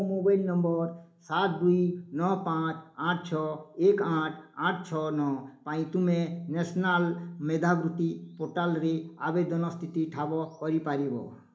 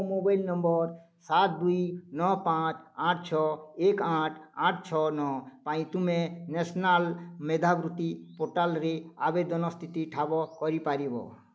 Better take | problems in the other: second | room echo; dies away in 0.4 s

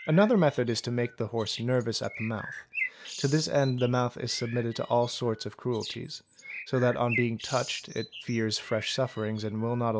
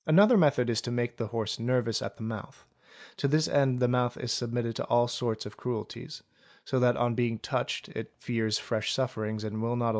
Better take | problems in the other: second | background sound (Bird); 13 dB below the speech

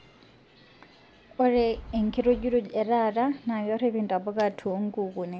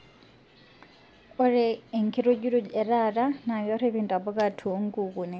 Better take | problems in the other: second | background sound (Wind); 14 dB below the speech

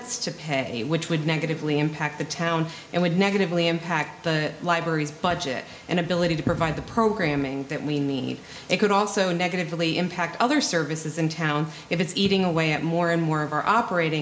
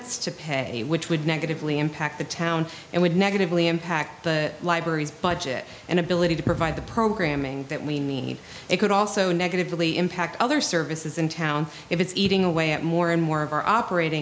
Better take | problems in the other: second | room echo; dies away in 0.4 s

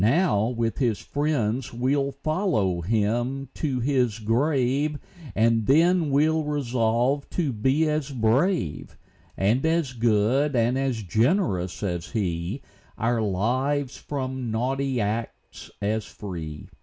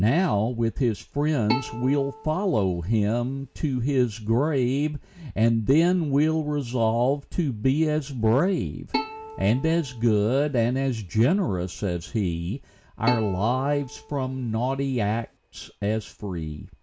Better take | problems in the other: first | background sound (Bowed string instrument); 12 dB below the speech

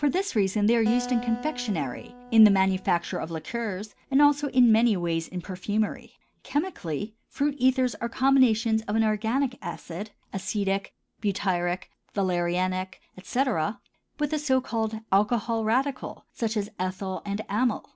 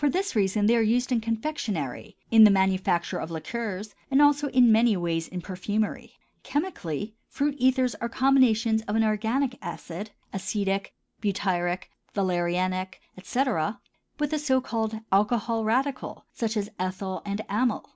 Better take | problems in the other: second | background sound (Acoustic guitar); 15 dB below the speech

